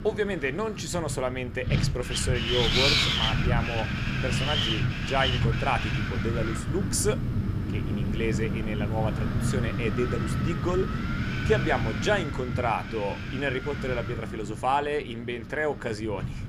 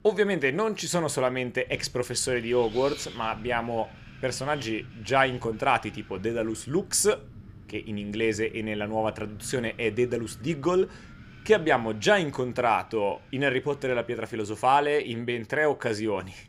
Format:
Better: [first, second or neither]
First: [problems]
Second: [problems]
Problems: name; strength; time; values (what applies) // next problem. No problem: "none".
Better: second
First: wind noise on the microphone; heavy; as loud as the speech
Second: wind noise on the microphone; occasional gusts; 20 dB below the speech